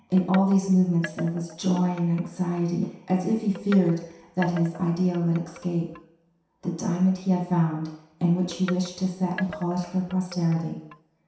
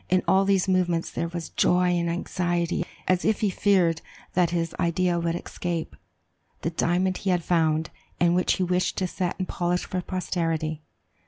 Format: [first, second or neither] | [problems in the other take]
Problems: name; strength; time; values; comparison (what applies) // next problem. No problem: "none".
second | background sound (Wind chime); 17 dB below the speech // room echo; dies away in 0.7 s